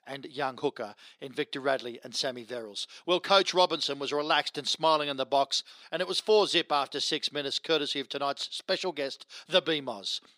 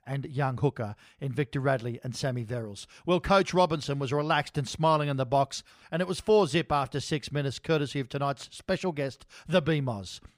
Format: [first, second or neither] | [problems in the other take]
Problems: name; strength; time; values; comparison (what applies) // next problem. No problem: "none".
second | thin; somewhat; fading below 300 Hz